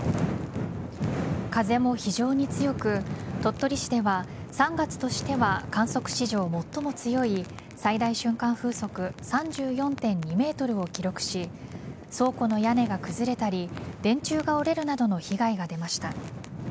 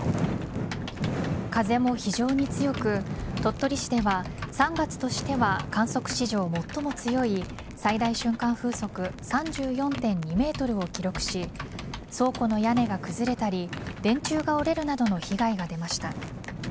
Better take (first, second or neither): first